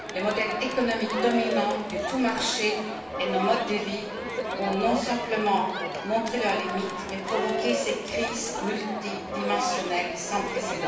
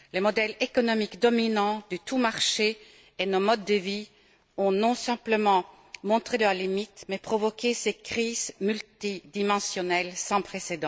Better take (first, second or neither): second